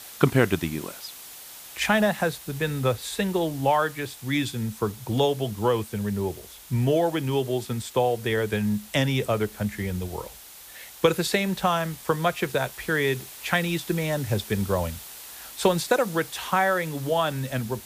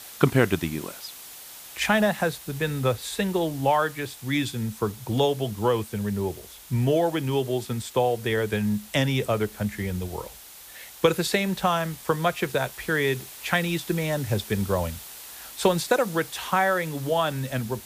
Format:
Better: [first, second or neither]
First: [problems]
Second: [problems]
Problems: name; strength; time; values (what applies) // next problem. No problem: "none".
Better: neither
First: hiss; noticeable; throughout; 15 dB below the speech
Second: hiss; noticeable; throughout; 15 dB below the speech